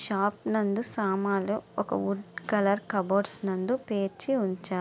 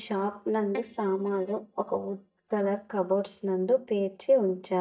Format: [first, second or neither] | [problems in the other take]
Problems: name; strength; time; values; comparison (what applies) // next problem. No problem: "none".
first | noise reduction (neural mask model DeepFilterNet 3)